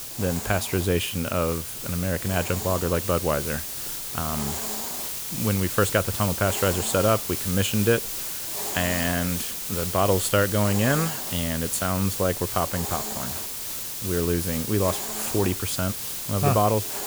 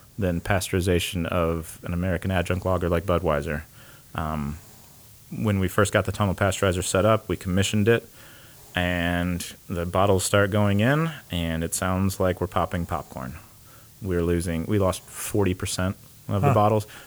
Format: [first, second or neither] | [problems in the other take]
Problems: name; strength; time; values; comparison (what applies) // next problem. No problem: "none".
second | hiss; loud; throughout; 3 dB below the speech; faint in the second